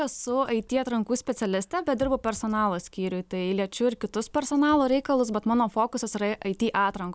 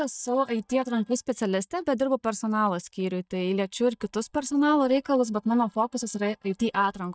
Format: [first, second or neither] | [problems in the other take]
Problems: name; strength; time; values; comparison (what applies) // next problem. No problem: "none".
first | noise reduction (neural mask model DeepFilterNet 3)